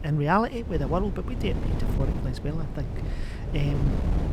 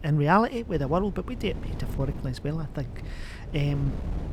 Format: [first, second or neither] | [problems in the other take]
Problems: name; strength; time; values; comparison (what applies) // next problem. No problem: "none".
second | wind noise on the microphone; heavy; 10 dB below the speech; occasional gusts in the second